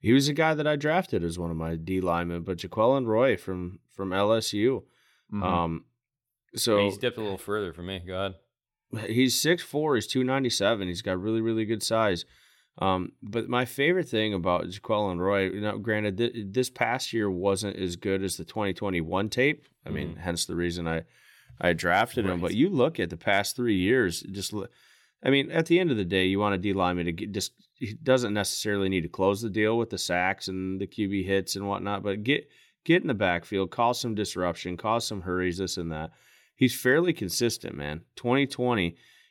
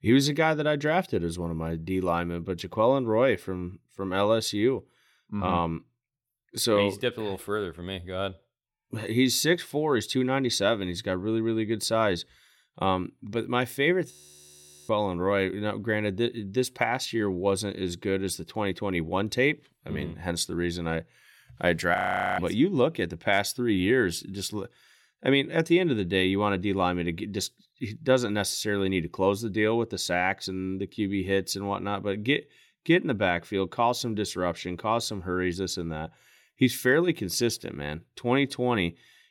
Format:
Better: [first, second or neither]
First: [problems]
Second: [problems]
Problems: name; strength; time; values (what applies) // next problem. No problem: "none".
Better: first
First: none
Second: audio freezing; at 14 s for 1 s and at 22 s